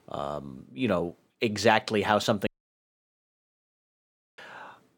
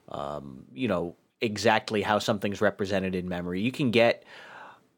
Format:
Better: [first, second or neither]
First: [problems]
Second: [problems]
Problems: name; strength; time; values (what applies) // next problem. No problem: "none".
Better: second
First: audio cutting out; at 2.5 s for 2 s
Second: none